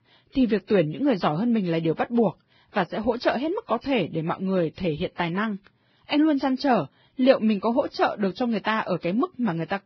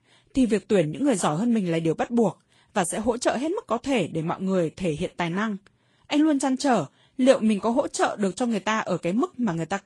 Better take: second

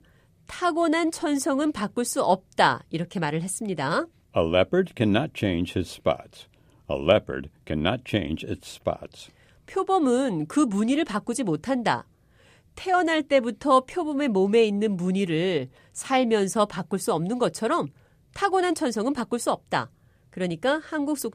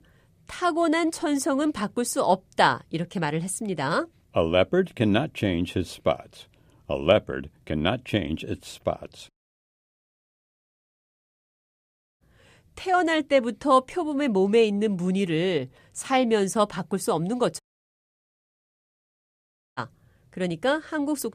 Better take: first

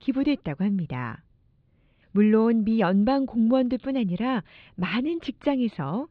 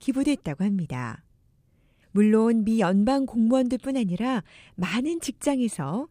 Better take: second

